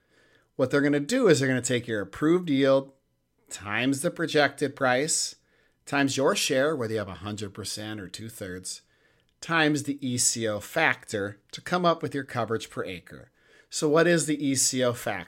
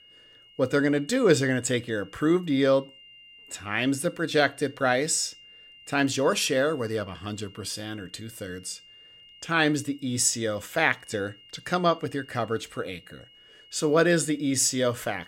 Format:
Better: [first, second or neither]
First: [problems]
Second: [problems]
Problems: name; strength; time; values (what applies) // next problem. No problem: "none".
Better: first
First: none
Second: high-pitched whine; faint; throughout; 3 kHz, 25 dB below the speech